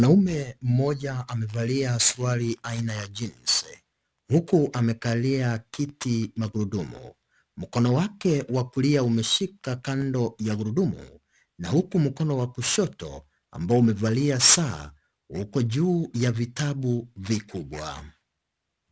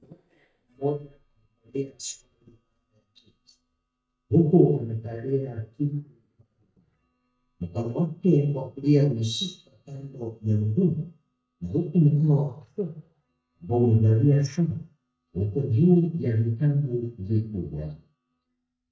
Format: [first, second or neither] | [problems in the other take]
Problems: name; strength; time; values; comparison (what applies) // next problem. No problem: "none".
first | noise reduction (neural mask model DeepFilterNet 3)